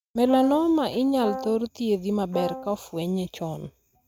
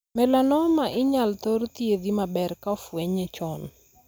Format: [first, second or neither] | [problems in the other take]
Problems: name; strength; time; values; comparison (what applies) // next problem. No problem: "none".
second | noise reduction (neural mask model RNNoise)